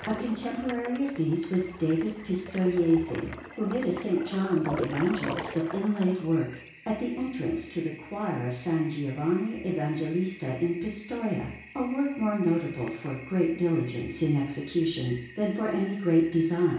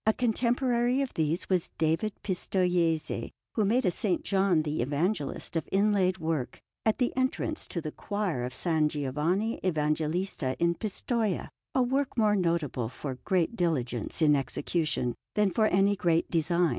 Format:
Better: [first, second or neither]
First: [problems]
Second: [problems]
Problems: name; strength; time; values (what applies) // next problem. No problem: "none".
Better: second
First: background sound (Toilet flush); 15 dB below the speech // room echo; dies away in 0.6 s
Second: none